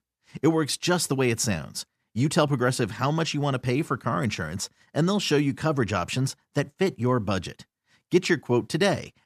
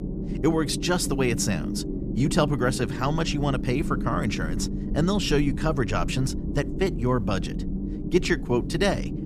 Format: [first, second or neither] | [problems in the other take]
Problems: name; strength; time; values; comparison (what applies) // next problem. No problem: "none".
first | low rumble; loud; throughout; 10 dB below the speech